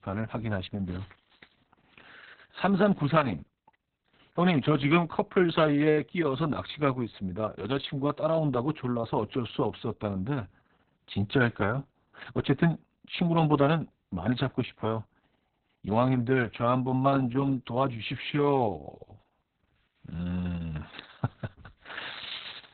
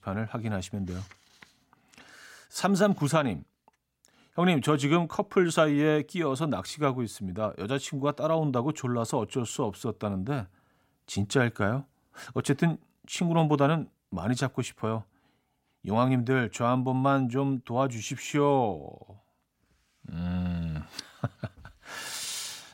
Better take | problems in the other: second | garbled, watery; badly; nothing above 4 kHz

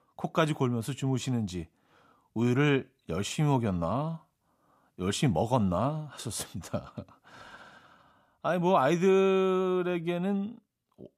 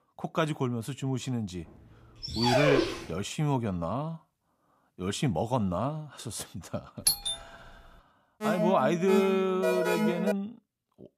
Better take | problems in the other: first | dog barking; loud; at 2 s; peak 5 dB above the speech // doorbell; loud; at 7 s; peak 5 dB above the speech // alarm; loud; from 8.5 to 10 s; peak 3 dB above the speech

